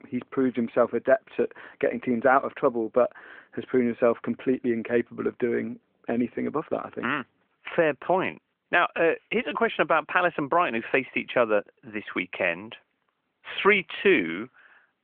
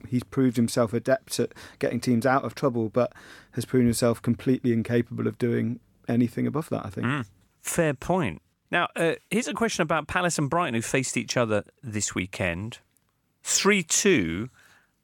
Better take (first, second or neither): second